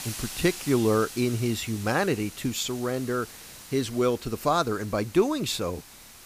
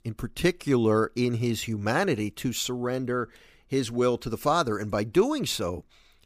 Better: second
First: hiss; noticeable; throughout; 15 dB below the speech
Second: none

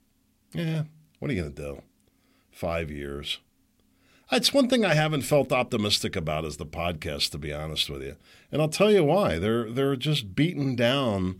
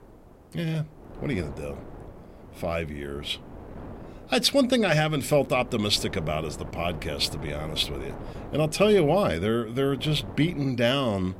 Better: first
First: none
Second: wind noise on the microphone; occasional gusts; 20 dB below the speech

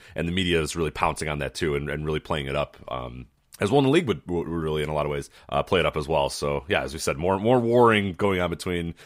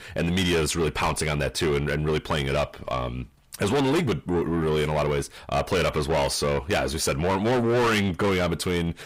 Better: first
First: none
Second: distortion; heavy; 6 dB below the speech

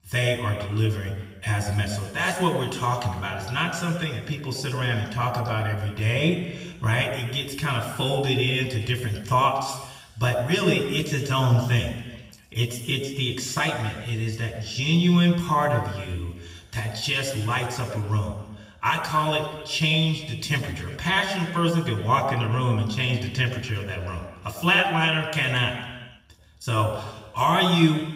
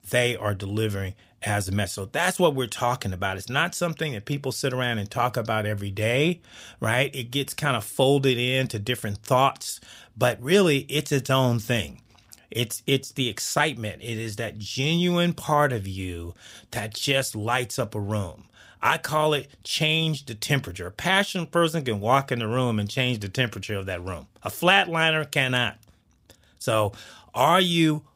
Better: second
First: room echo; noticeable; dies away in 1.3 s // off-mic speech; far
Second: none

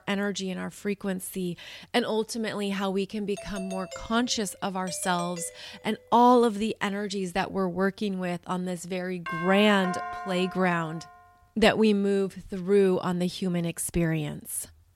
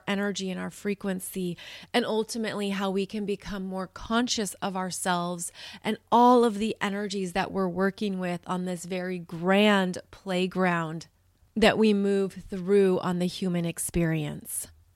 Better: second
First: doorbell; faint; from 3.5 to 6 s; peak 15 dB below the speech // doorbell; noticeable; from 9.5 to 11 s; peak 6 dB below the speech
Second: none

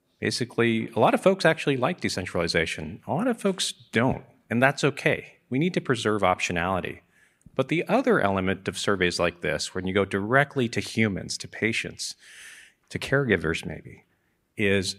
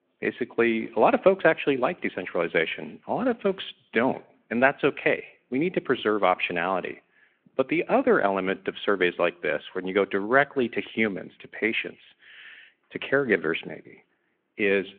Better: first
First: none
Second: phone-call audio

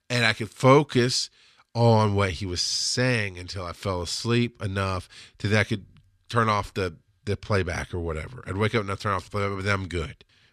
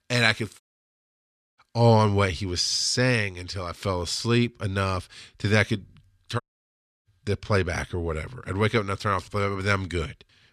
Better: first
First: none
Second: audio cutting out; at 0.5 s for 1 s and at 6.5 s for 0.5 s

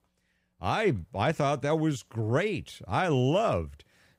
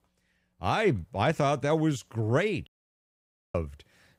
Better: first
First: none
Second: audio cutting out; at 2.5 s for 1 s

